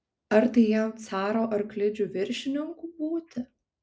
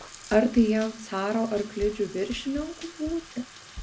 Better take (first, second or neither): first